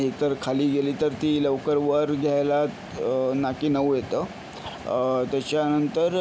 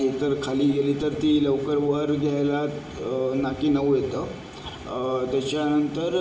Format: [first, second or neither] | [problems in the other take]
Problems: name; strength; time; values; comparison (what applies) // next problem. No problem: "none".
first | room echo; dies away in 0.8 s